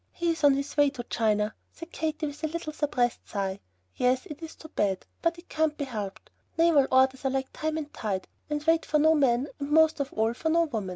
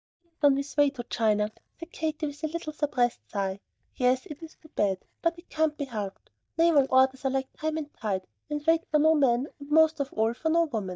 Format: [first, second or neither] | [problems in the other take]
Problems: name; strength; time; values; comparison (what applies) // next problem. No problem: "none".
first | noise reduction (neural mask model DeepFilterNet 3)